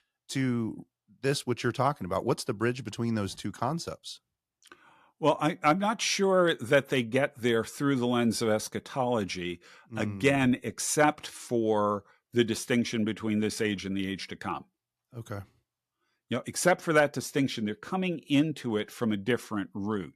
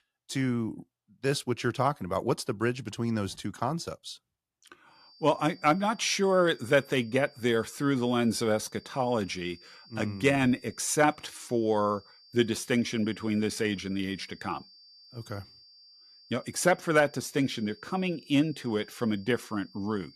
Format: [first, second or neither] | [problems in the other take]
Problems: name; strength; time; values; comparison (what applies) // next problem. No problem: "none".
first | high-pitched whine; faint; from 5 s on; 4.5 kHz, 25 dB below the speech